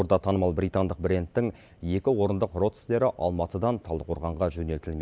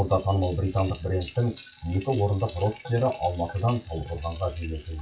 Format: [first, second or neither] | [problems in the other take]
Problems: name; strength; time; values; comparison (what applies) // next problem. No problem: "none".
first | noise reduction (classical method WPE with log-MMSE)